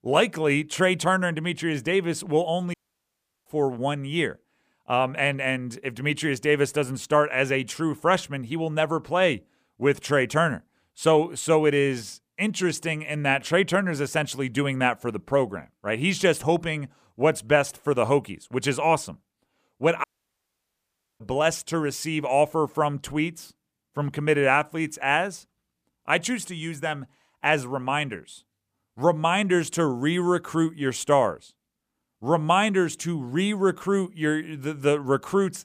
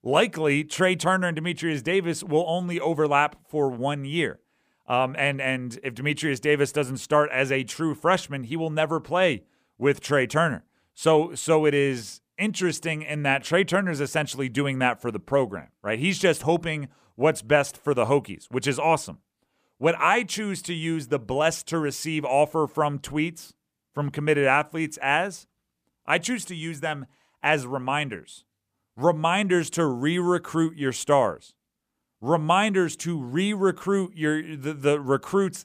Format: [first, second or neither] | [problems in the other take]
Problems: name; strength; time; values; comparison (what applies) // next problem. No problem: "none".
second | audio cutting out; at 2.5 s for 0.5 s and at 20 s for 1 s